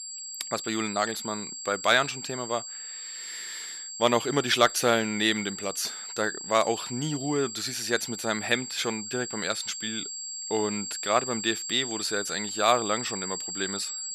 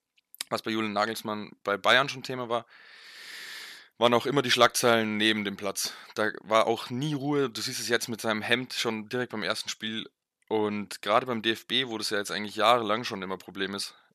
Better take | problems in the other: second | high-pitched whine; loud; throughout; 7.5 kHz, 7 dB below the speech

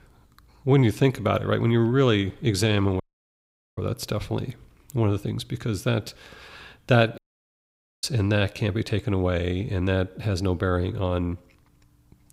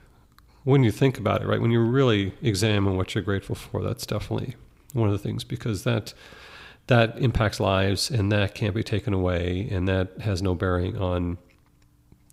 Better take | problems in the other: second | audio cutting out; at 3 s for 1 s and at 7 s for 1 s

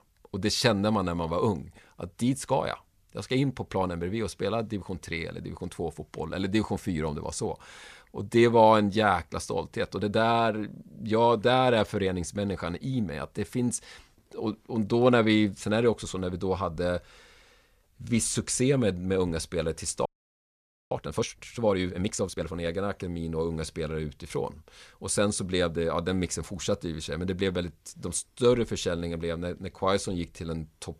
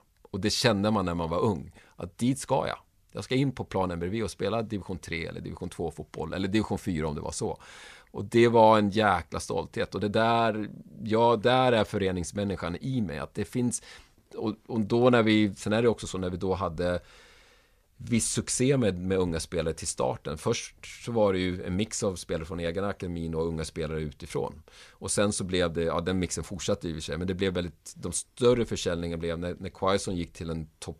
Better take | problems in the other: second | audio freezing; at 20 s for 1 s

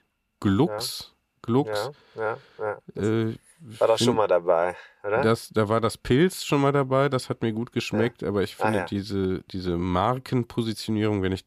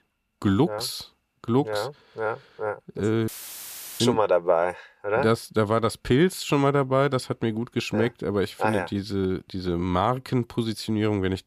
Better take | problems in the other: first | audio cutting out; filled with static; at 3.5 s for 0.5 s

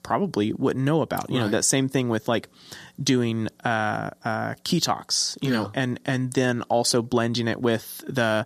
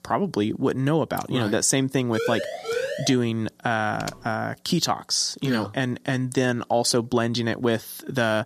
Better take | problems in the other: first | siren; noticeable; from 2 to 3 s; peak 3 dB below the speech // keyboard typing; faint; at 4 s; peak 15 dB below the speech

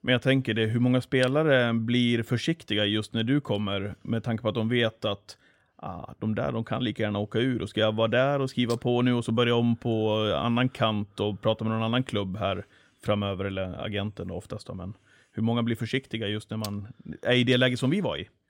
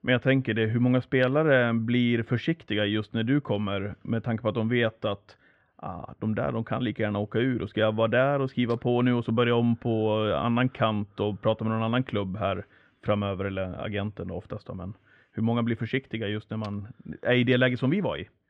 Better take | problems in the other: first | muffled; slightly; fading above 2 kHz

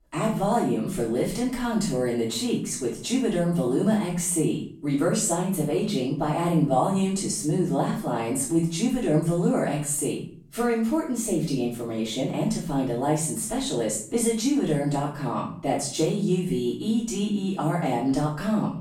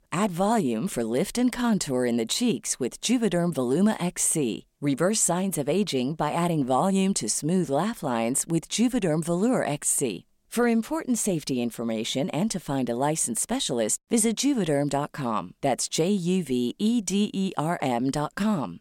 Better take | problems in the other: second | off-mic speech; far // room echo; noticeable; dies away in 0.5 s

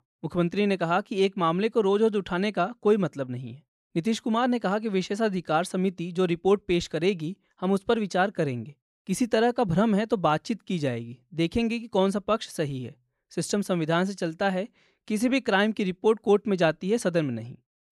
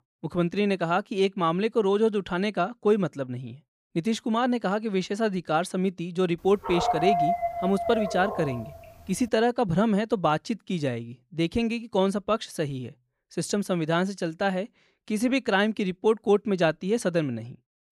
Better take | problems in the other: first | dog barking; loud; from 6.5 to 8.5 s; peak 2 dB above the speech

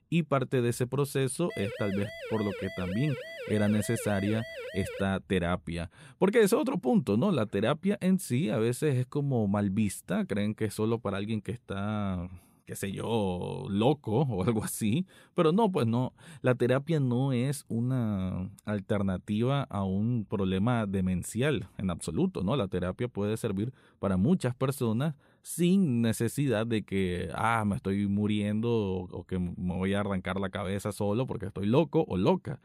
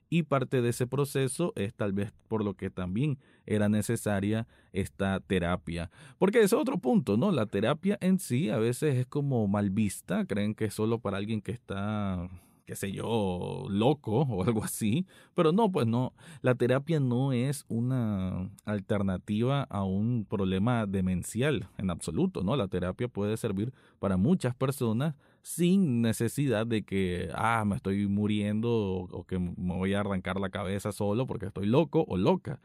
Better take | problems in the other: second | siren; noticeable; from 1.5 to 5 s; peak 10 dB below the speech

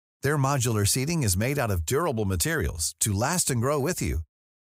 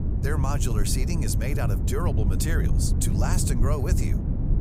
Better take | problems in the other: first | wind noise on the microphone; heavy; 6 dB below the speech

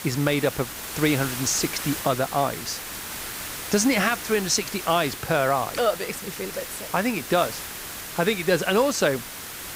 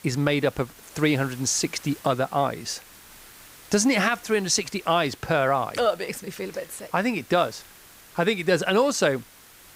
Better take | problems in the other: second | hiss; loud; throughout; 8 dB below the speech; faint in the second

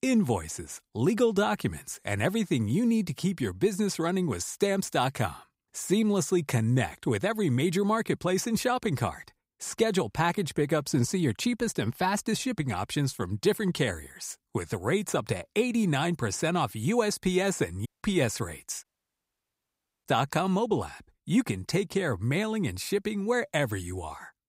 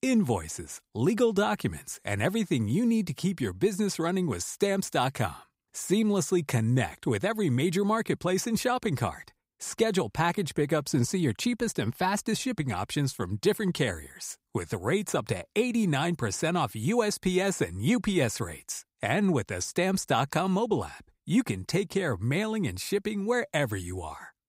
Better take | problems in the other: second | audio cutting out; at 18 s and at 19 s for 1 s

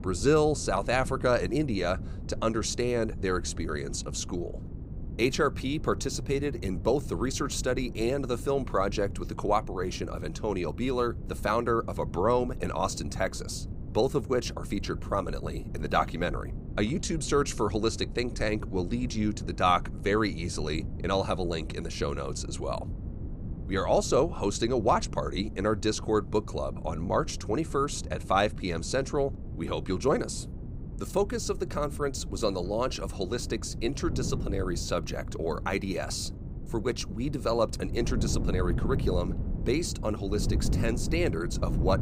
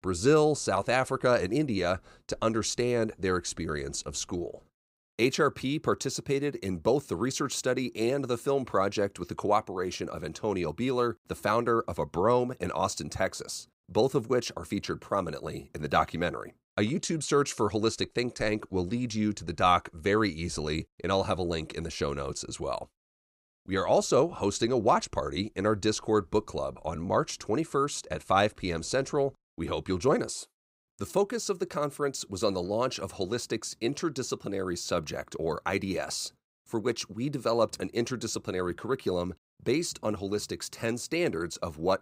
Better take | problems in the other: second | wind noise on the microphone; occasional gusts; 15 dB below the speech

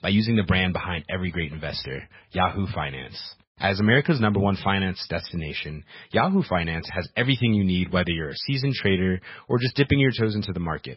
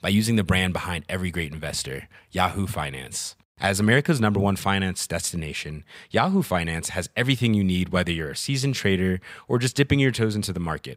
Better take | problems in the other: second | garbled, watery; badly; nothing above 5.5 kHz

